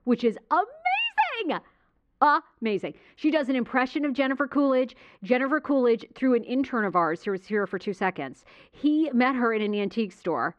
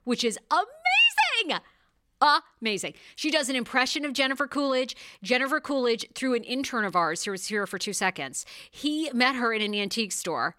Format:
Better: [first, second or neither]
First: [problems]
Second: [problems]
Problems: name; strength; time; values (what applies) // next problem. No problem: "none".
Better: second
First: muffled; very; fading above 1.5 kHz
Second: none